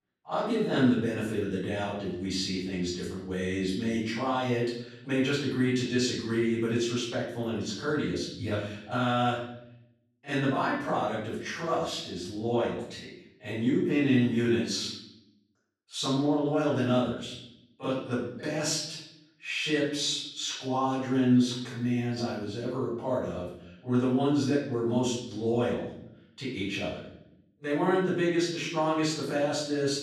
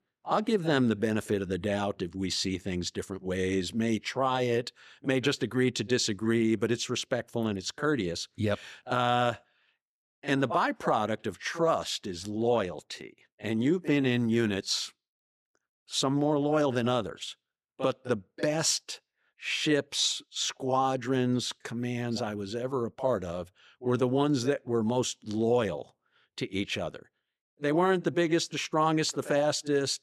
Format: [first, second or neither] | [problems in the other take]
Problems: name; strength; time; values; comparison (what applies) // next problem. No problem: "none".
second | off-mic speech; far // room echo; noticeable; dies away in 0.7 s